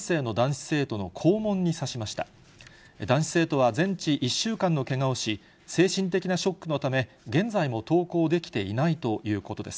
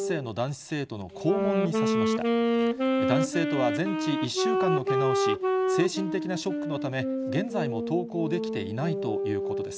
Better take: first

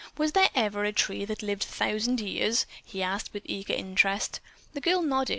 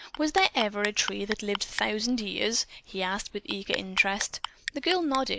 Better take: first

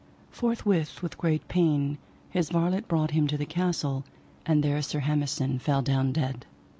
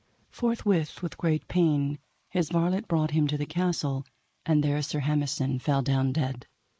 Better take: first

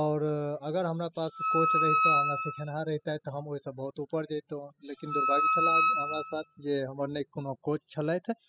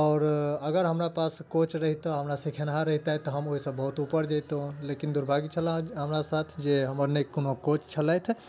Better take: second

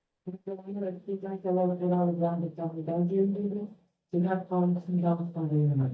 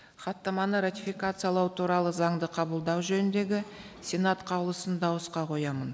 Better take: second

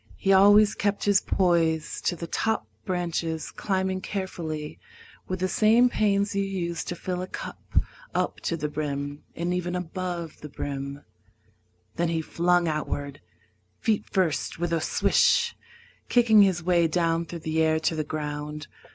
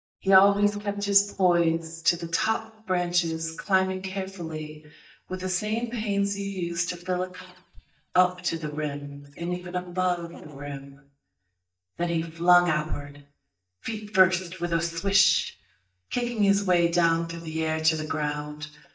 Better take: first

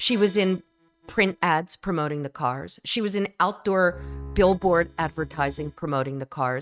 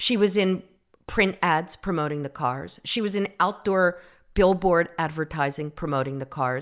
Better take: second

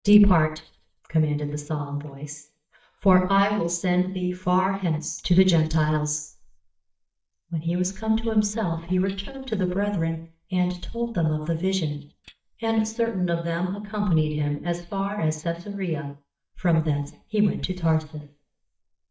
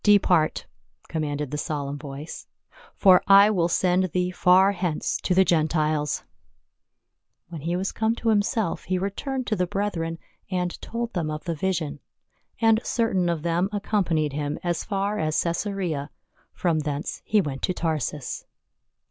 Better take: second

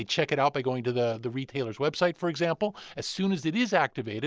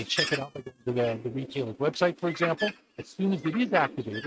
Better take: first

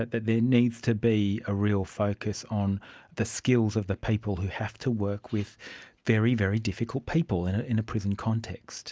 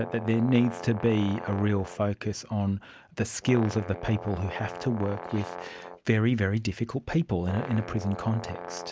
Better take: first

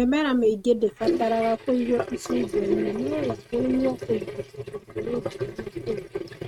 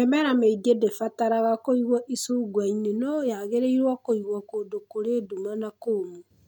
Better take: second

